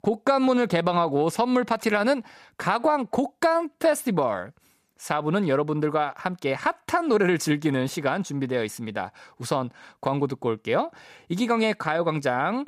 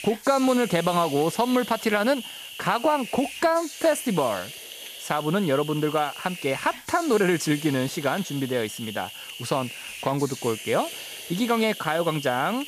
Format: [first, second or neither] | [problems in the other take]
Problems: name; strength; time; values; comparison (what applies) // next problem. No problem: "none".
first | hiss; noticeable; throughout; 10 dB below the speech